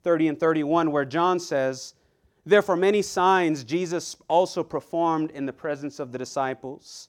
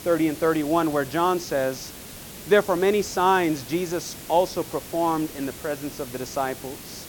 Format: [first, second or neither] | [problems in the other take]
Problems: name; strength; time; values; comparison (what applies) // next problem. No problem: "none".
first | hiss; noticeable; throughout; 15 dB below the speech